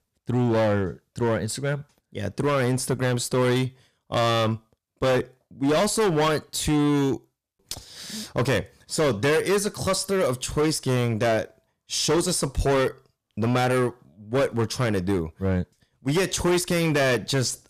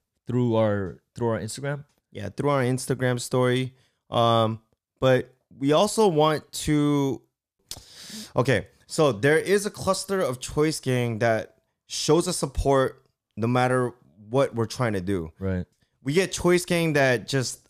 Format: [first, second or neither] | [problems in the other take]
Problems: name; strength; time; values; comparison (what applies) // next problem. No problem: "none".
second | distortion; heavy; 14% of the sound clipped